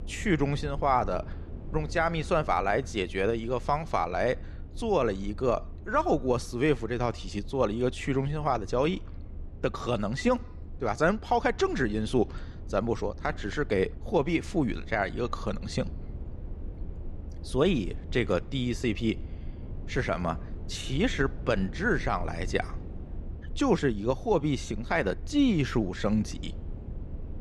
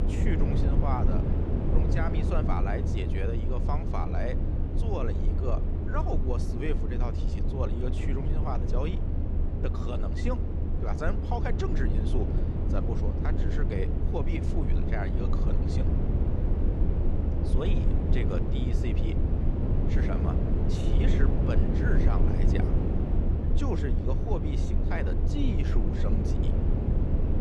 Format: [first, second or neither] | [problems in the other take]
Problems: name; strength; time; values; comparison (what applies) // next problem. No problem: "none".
first | low rumble; loud; throughout; 1 dB below the speech; faint in the first